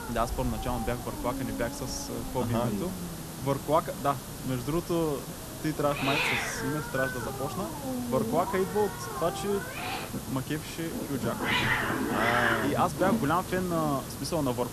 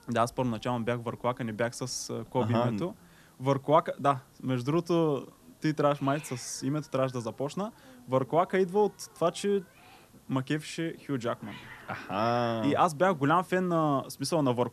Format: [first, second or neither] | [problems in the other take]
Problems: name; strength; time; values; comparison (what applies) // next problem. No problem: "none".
second | hiss; loud; throughout; 1 dB below the speech; faint in the second